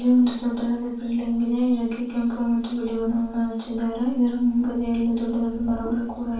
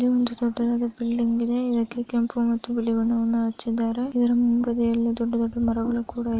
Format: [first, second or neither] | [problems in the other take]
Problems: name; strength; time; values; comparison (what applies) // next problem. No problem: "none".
second | room echo; dies away in 0.3 s